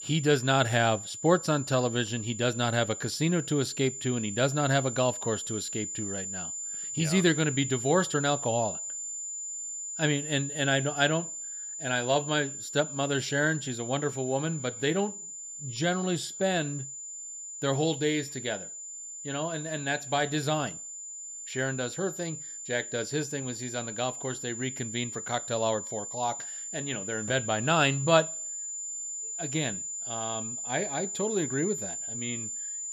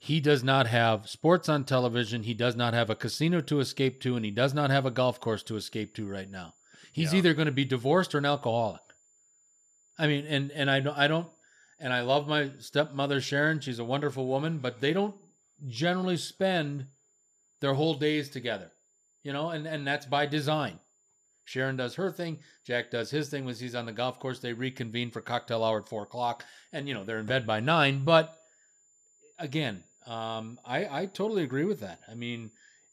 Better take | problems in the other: second | high-pitched whine; loud; throughout; 7 kHz, 6 dB below the speech; faint in the second

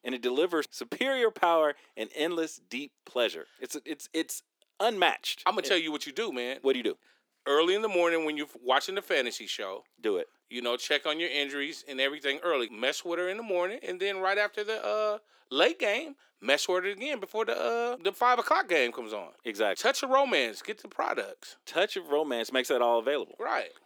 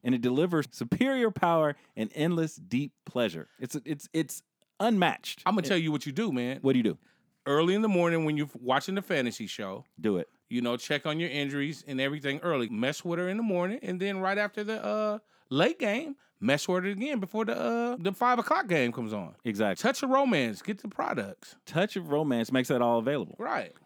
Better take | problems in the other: second | thin; somewhat; fading below 350 Hz

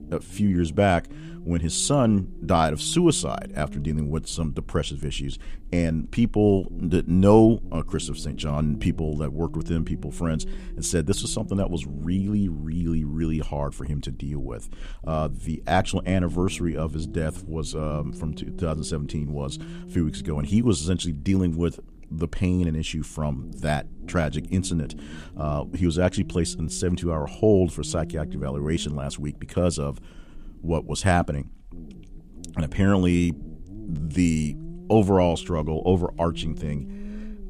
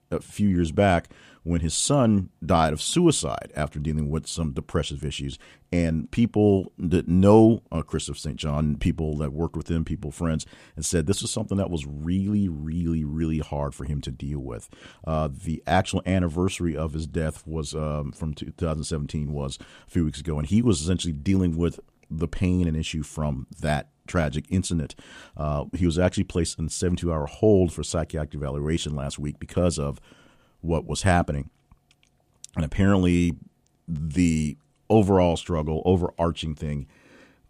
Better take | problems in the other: second | low rumble; faint; throughout; 20 dB below the speech

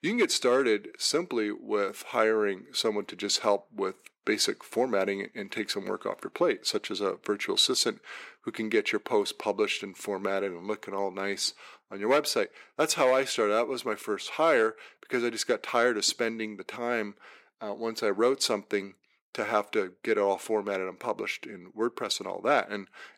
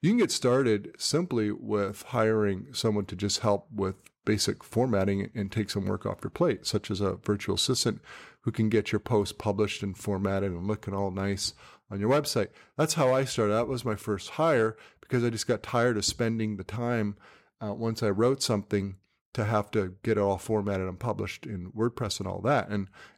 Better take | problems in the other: second | thin; somewhat; fading below 300 Hz

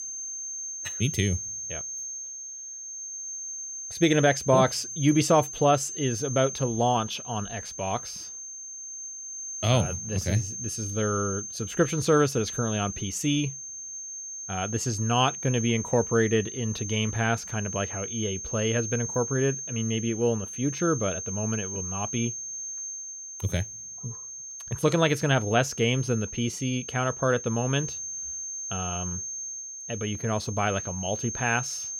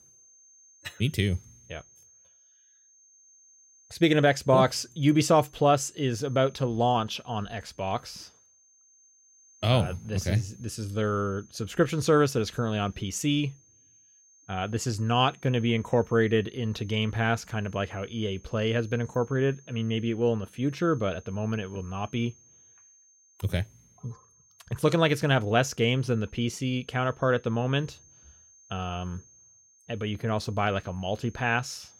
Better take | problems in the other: second | high-pitched whine; loud; throughout; 6.5 kHz, 7 dB below the speech; faint in the second

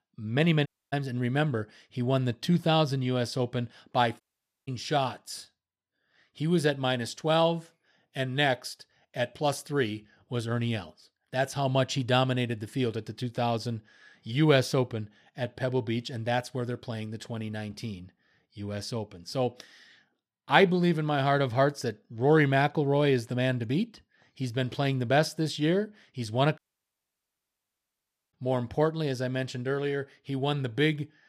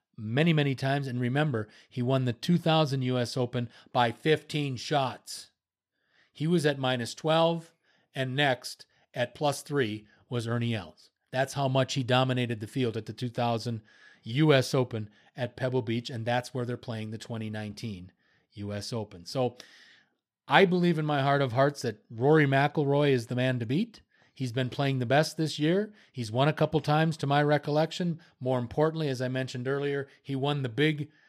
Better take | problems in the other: second | audio cutting out; at 0.5 s, at 4 s and at 27 s for 2 s

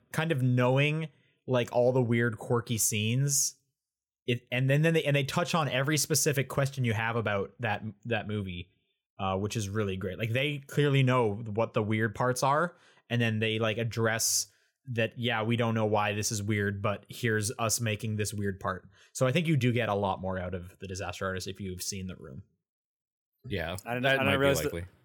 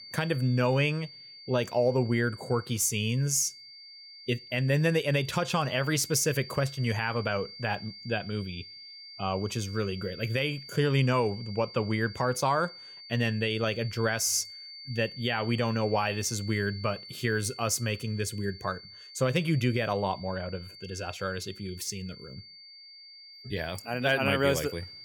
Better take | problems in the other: first | high-pitched whine; noticeable; throughout; 4.5 kHz, 15 dB below the speech

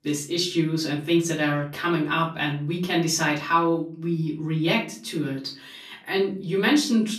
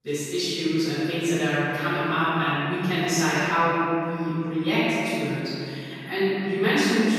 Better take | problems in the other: first | room echo; strong; dies away in 2.7 s; slight in the first // off-mic speech; far; far in the first

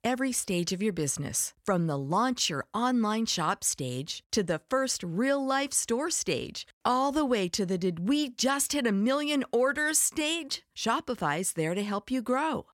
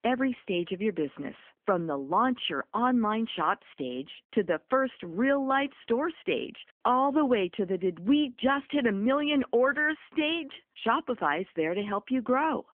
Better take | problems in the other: first | phone-call audio; nothing above 3.5 kHz

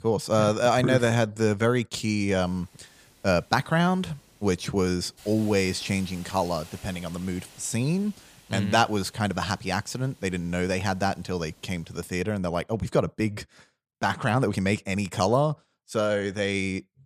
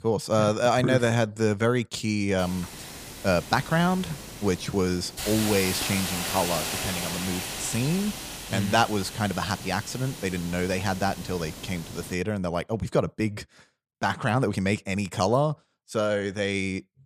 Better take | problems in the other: first | hiss; loud; from 2.5 to 12 s; 7 dB below the speech; faint in the first

